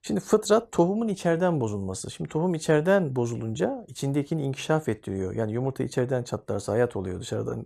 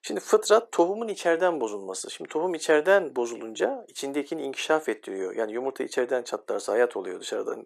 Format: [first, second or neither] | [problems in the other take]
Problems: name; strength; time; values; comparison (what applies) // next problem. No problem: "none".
first | thin; somewhat; fading below 300 Hz